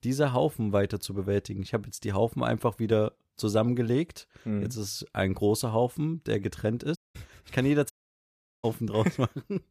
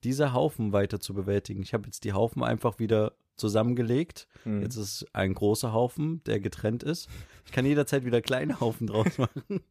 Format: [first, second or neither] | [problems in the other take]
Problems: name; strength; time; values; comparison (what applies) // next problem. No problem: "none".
second | audio cutting out; at 7 s and at 8 s for 0.5 s